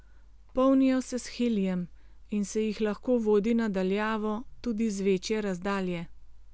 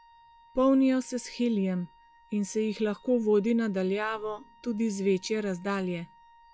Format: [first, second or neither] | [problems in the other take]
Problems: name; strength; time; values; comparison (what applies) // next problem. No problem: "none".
first | noise reduction (classical method log-MMSE)